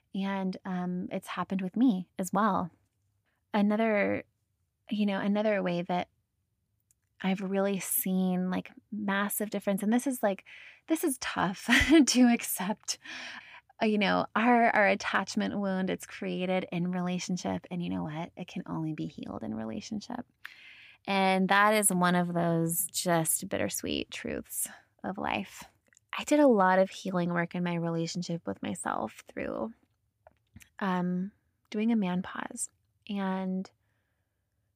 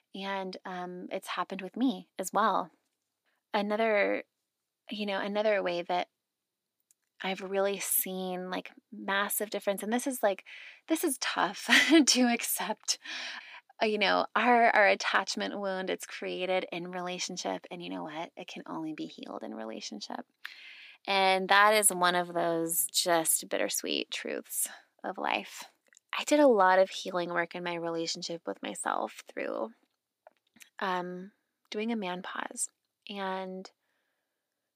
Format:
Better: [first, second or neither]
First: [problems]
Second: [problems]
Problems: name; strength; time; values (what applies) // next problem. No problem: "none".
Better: first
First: none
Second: thin; somewhat; fading below 300 Hz